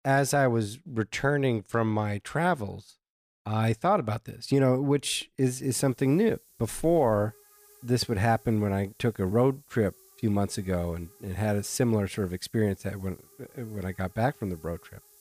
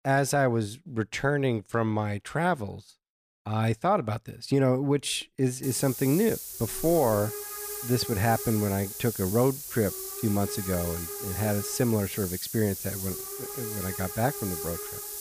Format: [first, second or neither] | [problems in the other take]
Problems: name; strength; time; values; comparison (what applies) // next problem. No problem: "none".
first | hiss; loud; from 5.5 s on; 6 dB below the speech; faint in the first